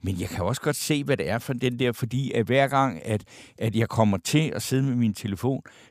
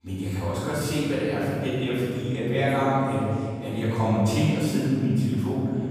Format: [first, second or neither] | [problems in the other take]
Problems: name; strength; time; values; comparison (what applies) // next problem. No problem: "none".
first | off-mic speech; far // room echo; strong; dies away in 2.8 s